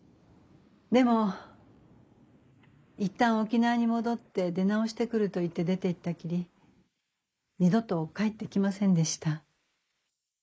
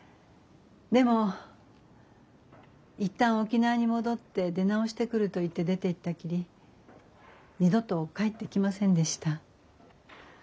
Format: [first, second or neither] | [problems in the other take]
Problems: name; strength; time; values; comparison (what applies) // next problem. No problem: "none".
second | noise reduction (neural mask model Resemble Enhance denoiser)